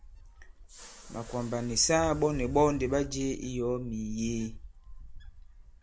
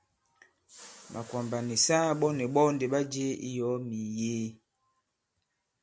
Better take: second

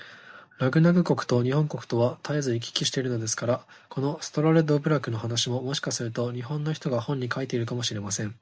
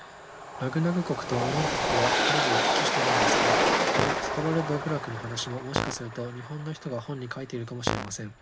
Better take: first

